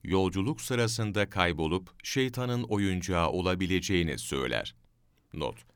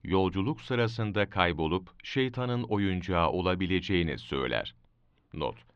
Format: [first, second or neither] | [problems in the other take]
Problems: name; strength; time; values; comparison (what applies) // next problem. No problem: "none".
first | muffled; slightly; fading above 3.5 kHz